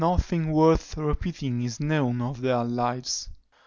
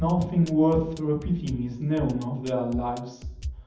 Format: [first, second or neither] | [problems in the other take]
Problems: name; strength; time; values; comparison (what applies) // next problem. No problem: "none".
first | background sound (Drum kit); 13 dB below the speech // room echo; dies away in 0.8 s